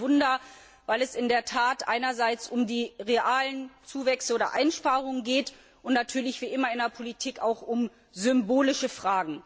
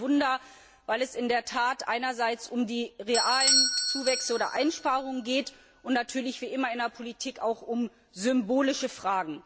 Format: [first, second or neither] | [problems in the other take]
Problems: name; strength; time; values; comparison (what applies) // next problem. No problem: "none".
first | background sound (Bell / Doorbell); 5 dB below the speech